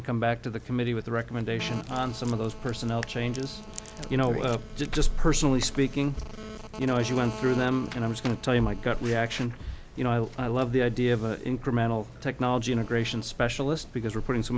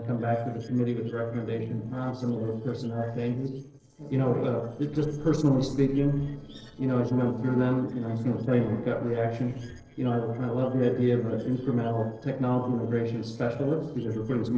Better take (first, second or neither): first